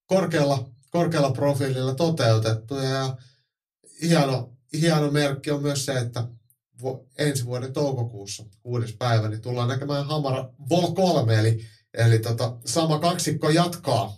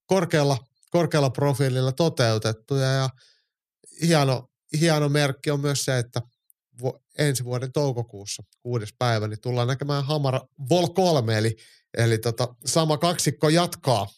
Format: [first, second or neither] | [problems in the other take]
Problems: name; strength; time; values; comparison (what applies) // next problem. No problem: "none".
second | off-mic speech; far // room echo; very slight; dies away in 0.2 s